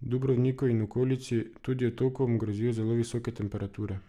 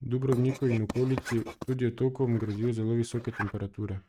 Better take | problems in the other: first | noise reduction (neural mask model RNNoise)

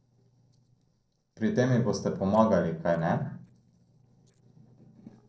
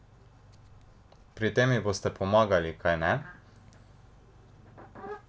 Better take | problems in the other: second | noise reduction (neural separator model SepFormer DNS4)

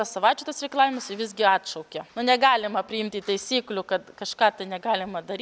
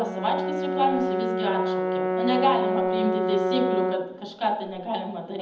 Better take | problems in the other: first | background sound (Brass instrument); 1 dB above the speech // room echo; dies away in 0.8 s

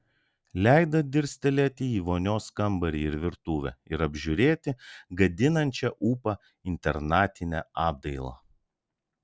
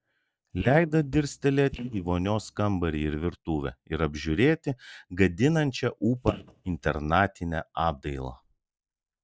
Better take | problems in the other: first | noise reduction (neural mask model DeepFilterNet 3)

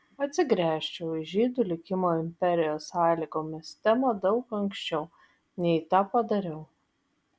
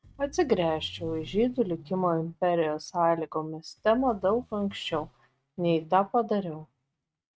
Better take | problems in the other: first | noise reduction (neural mask model RNNoise)

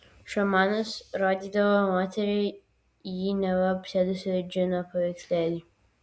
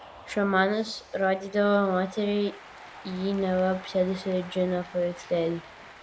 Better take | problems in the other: first | background sound (Cheering); 19 dB below the speech

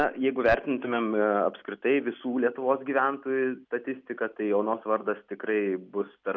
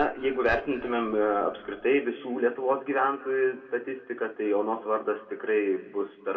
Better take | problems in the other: first | room echo; dies away in 2.2 s

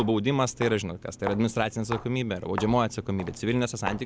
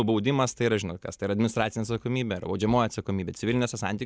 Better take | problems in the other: second | background sound (Walk, footsteps); 13 dB below the speech

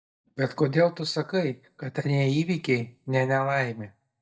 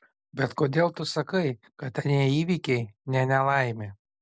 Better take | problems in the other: second | noise reduction (neural mask model DeepFilterNet 3)

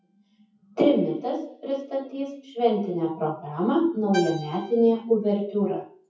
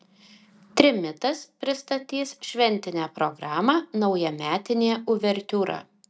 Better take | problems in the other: second | noise reduction (classical method WPE with log-MMSE)

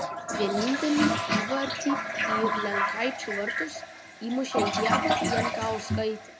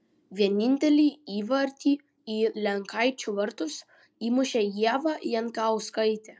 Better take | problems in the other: second | background sound (Toilet flush); 1 dB above the speech

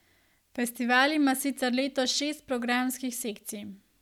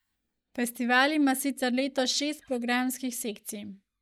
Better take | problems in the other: first | noise reduction (neural mask model DeepFilterNet 3)

